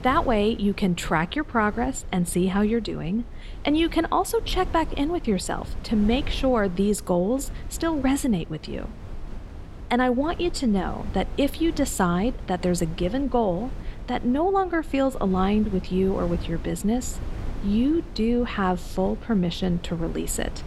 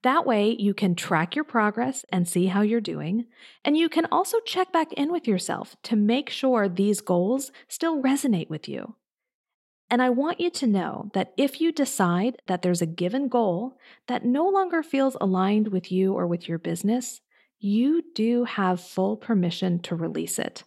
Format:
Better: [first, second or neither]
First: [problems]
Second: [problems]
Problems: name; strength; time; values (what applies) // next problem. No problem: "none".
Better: second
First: wind noise on the microphone; occasional gusts; 20 dB below the speech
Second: none